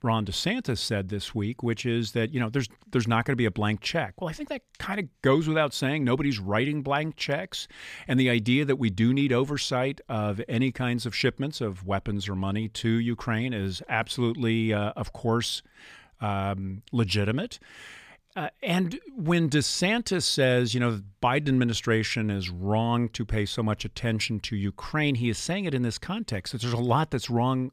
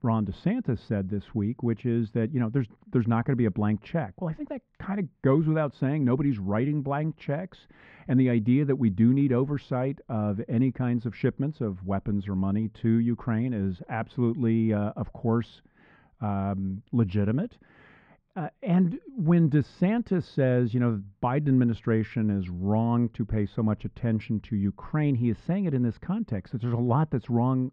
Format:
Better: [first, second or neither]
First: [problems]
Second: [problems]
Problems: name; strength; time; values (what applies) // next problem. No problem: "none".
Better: first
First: none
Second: muffled; very; fading above 1.5 kHz